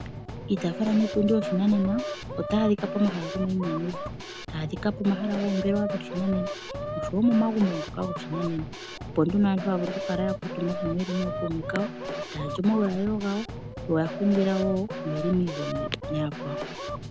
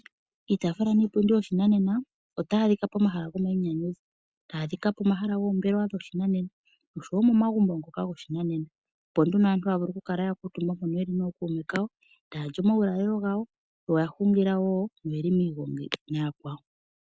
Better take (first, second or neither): second